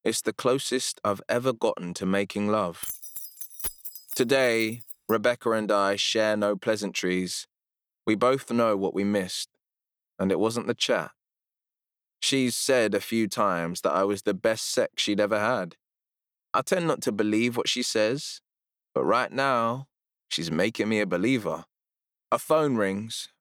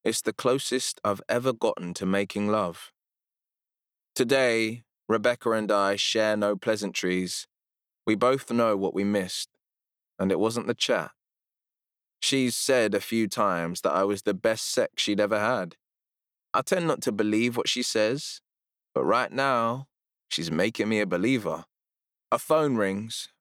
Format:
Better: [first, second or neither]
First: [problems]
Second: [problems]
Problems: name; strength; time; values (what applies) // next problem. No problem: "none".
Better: second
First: jangling keys; noticeable; from 3 to 5 s; peak 6 dB below the speech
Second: none